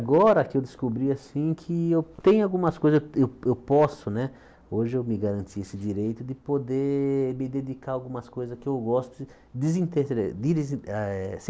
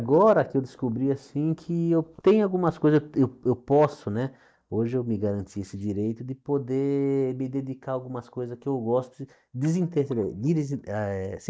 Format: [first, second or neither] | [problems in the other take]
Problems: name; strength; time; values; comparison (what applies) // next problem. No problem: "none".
first | noise reduction (neural mask model DeepFilterNet 3)